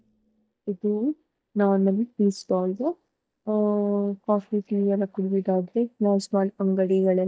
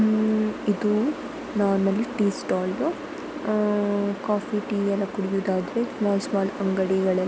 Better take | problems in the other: second | noise reduction (neural mask model DeepFilterNet 3)

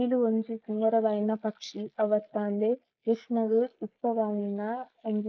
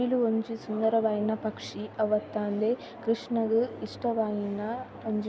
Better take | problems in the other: second | noise reduction (neural mask model Resemble Enhance denoiser)

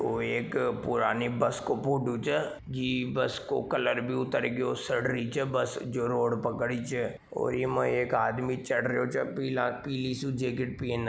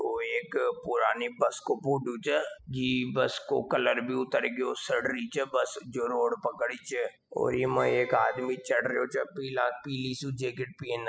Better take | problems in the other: first | noise reduction (classical method spectral subtraction)

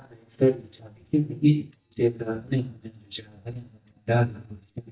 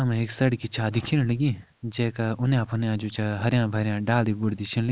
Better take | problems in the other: second | noise reduction (neural mask model DeepFilterNet 3)

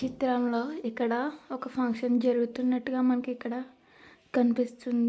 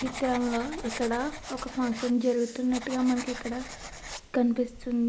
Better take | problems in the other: first | background sound (Writing); 12 dB below the speech

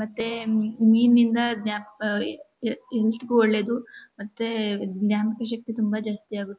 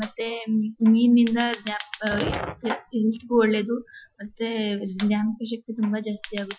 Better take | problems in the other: first | noise reduction (classical method Wiener filter)

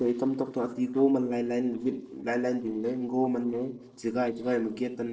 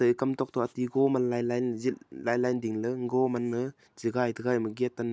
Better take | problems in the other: second | noise reduction (neural separator model SepFormer DNS4)

